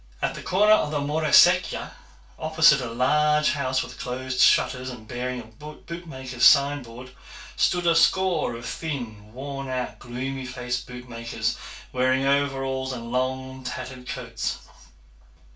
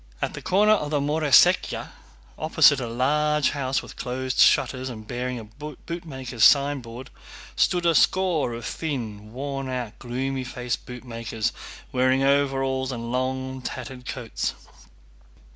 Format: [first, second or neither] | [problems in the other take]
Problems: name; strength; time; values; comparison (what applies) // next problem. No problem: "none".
second | room echo; dies away in 0.2 s